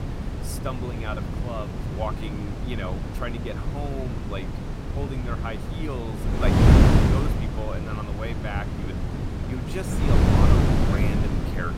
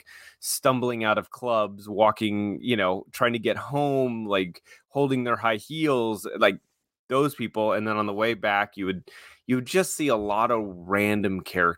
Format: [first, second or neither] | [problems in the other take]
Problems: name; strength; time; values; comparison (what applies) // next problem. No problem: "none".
second | wind noise on the microphone; heavy; 3 dB above the speech